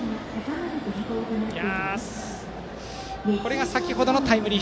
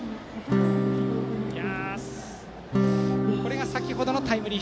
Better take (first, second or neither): first